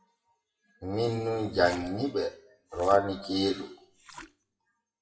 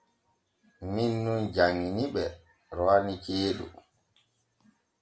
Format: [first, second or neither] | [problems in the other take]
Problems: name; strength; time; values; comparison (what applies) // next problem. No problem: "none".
second | noise reduction (classical method WPE with log-MMSE)